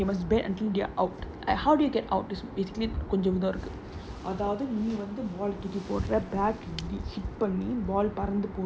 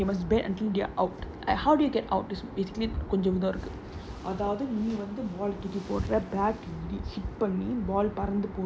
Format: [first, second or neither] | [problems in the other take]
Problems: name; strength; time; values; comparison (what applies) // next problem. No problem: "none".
second | background sound (Shatter / Crushing); 20 dB below the speech